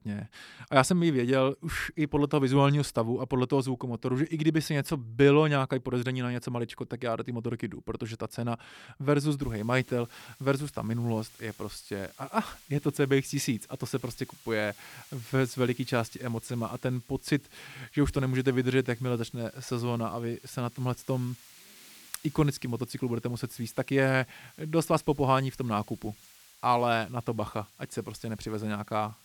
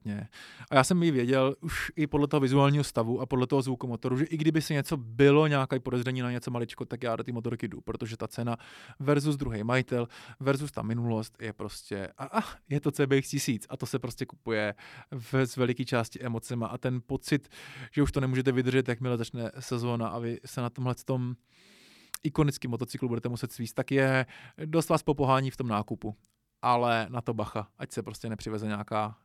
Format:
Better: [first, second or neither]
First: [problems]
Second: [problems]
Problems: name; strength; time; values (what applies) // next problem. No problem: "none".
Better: second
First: hiss; faint; from 9.5 s on; 25 dB below the speech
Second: none